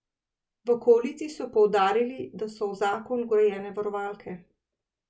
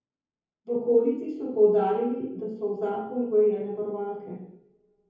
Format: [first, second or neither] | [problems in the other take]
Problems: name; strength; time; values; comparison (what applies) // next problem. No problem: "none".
first | room echo; dies away in 0.9 s